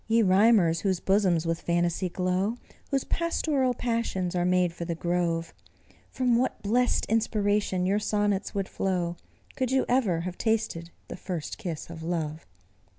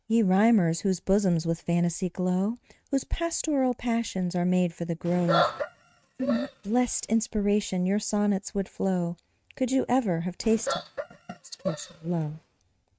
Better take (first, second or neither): first